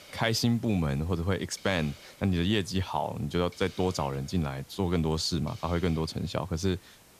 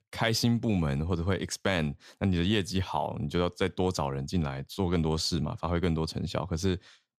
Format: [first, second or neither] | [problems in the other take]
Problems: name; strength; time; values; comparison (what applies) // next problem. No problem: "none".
second | hiss; faint; throughout; 20 dB below the speech